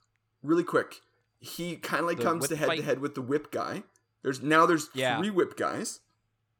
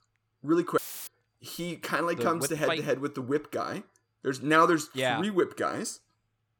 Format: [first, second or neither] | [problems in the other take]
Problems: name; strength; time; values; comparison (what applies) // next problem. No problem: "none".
first | audio cutting out; filled with static; at 1 s